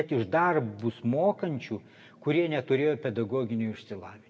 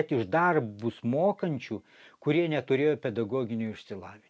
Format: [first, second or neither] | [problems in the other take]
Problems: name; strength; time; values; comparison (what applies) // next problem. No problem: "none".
second | room echo; dies away in 1.6 s